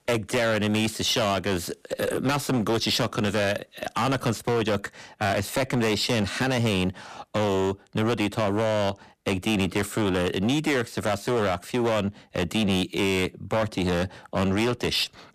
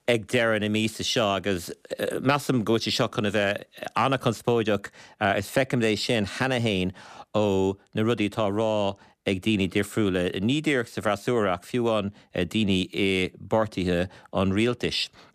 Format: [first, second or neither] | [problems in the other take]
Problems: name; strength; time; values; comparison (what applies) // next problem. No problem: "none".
second | distortion; heavy; 19% of the sound clipped